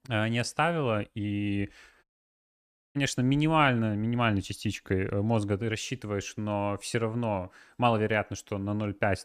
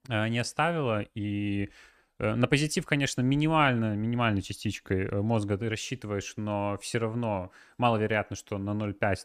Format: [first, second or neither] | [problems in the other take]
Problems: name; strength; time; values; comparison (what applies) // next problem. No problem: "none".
second | audio cutting out; at 2 s for 1 s